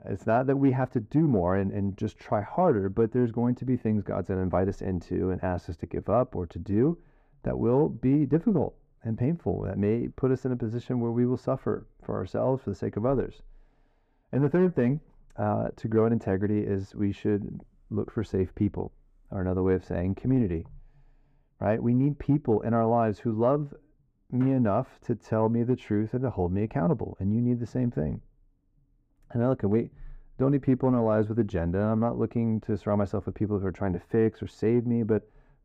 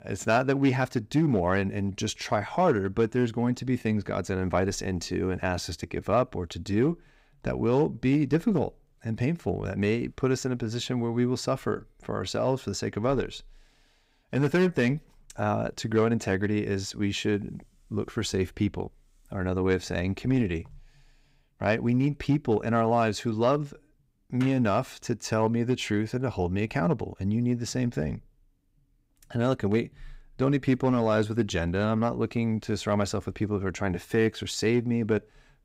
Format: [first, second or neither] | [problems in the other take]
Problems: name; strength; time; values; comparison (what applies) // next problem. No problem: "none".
second | muffled; very; fading above 2 kHz